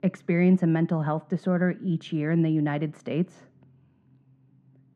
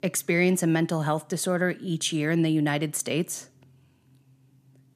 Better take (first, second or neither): second